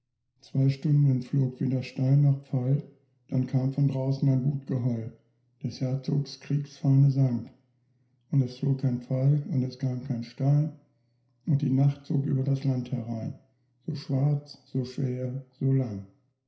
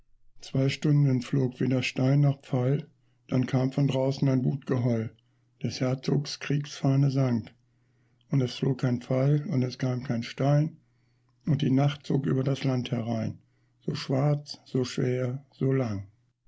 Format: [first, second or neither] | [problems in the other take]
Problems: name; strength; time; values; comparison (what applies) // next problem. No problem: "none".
second | room echo; dies away in 0.5 s